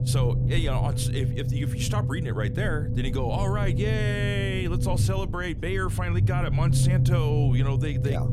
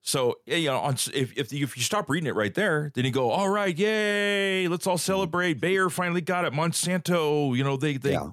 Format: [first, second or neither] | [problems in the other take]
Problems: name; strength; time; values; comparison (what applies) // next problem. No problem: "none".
second | low rumble; loud; throughout; 6 dB below the speech